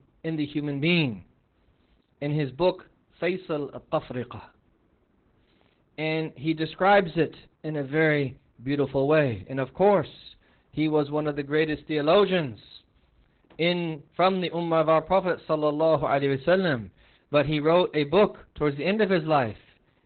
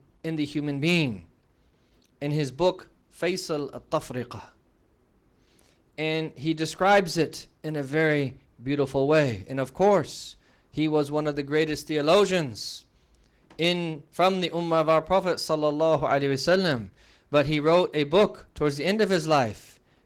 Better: second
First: garbled, watery; badly; nothing above 4 kHz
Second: garbled, watery; slightly; nothing above 17 kHz

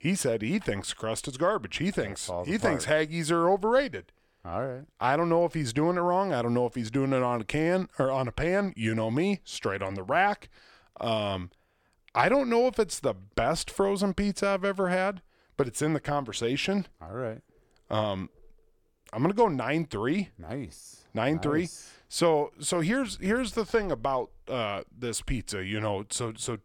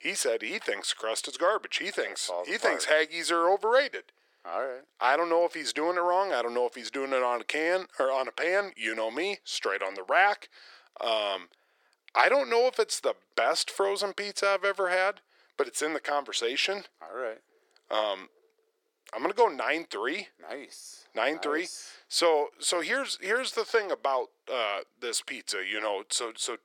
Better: first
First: none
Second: thin; very; fading below 400 Hz

